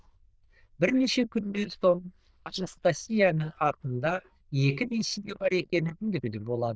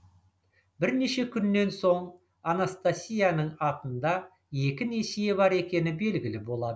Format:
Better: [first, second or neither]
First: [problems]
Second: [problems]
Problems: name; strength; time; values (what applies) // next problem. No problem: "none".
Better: second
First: noise reduction (neural diffusion model UNIVERSE++)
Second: none